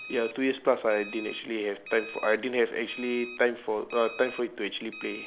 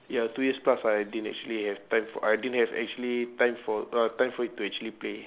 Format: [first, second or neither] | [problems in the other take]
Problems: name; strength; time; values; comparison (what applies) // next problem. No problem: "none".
second | background sound (Alarm); 15 dB below the speech